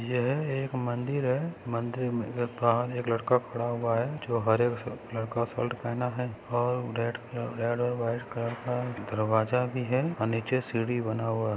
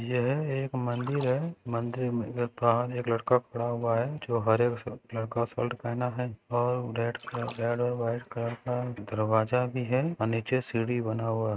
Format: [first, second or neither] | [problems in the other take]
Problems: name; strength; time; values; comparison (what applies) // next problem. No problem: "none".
first | noise reduction (neural mask model RNNoise)